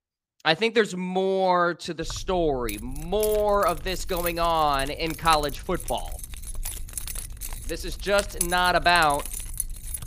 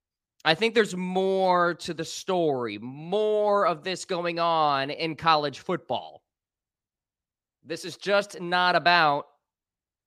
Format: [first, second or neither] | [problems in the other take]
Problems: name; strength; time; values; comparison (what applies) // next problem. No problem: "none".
second | jangling keys; noticeable; from 2 s on; peak 4 dB below the speech